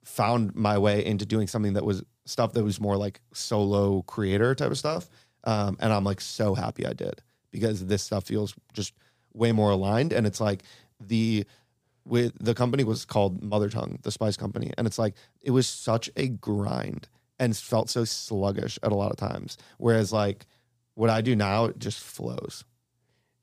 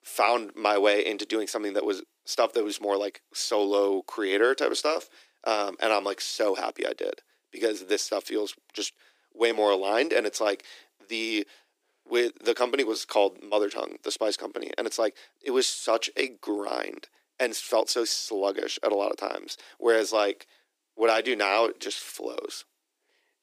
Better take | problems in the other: first | thin; very; fading below 300 Hz

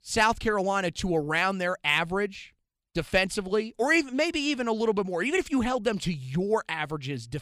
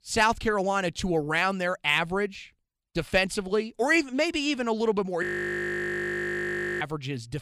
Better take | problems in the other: first | audio freezing; at 5 s for 1.5 s

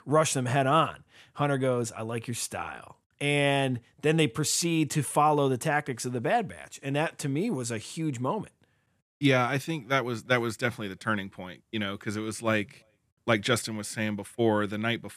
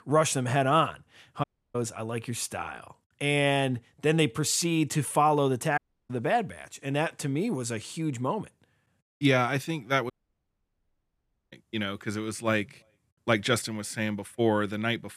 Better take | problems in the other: first | audio cutting out; at 1.5 s, at 6 s and at 10 s for 1.5 s

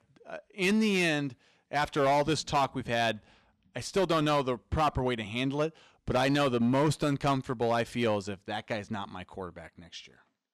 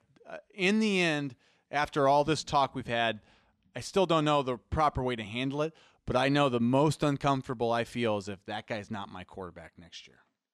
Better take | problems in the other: second | distortion; slight; 5% of the sound clipped

